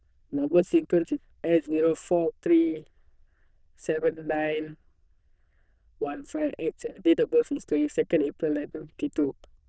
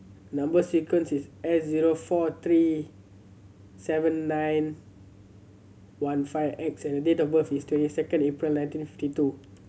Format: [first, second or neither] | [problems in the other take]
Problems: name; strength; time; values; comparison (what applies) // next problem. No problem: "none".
second | noise reduction (neural diffusion model UNIVERSE++)